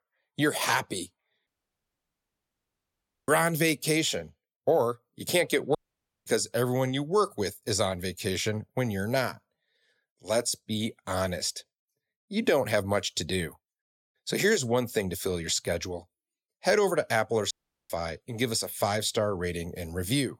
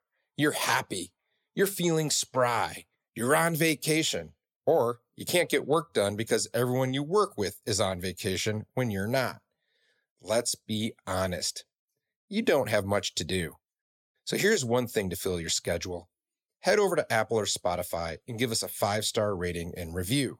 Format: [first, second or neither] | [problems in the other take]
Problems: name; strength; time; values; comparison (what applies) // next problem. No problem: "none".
second | audio cutting out; at 1.5 s for 2 s, at 6 s for 0.5 s and at 18 s